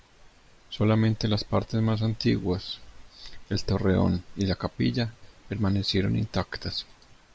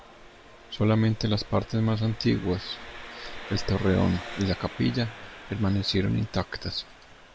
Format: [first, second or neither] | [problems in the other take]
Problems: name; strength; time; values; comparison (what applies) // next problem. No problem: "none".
first | background sound (Engine); 17 dB below the speech